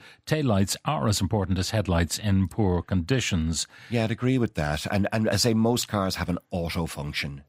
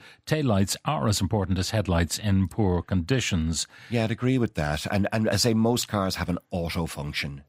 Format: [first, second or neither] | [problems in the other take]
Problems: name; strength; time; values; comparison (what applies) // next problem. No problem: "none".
neither | none